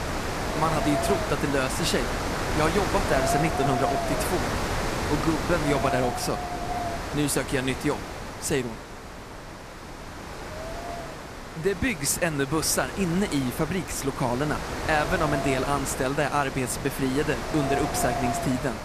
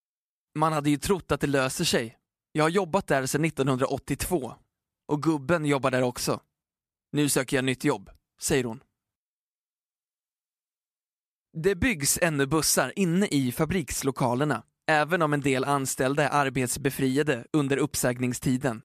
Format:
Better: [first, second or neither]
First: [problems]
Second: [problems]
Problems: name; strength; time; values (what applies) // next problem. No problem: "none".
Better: second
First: wind noise on the microphone; heavy; 2 dB below the speech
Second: none